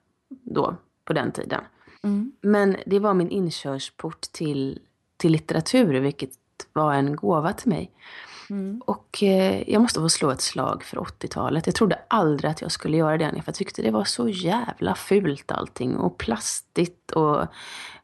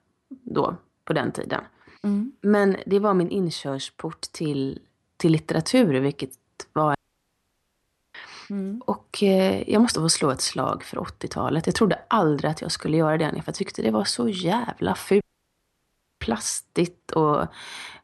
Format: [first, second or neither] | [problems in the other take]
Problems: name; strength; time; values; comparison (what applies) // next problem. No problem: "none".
first | audio cutting out; at 7 s for 1 s and at 15 s for 1 s